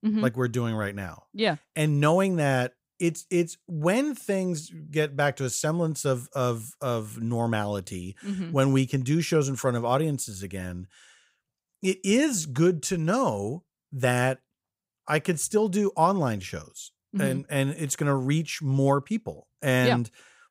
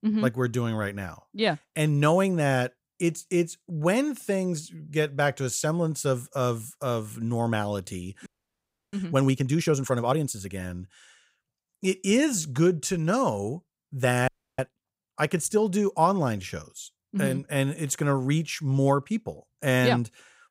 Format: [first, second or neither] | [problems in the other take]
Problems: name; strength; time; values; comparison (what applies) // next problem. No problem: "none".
first | audio freezing; at 8.5 s for 0.5 s and at 14 s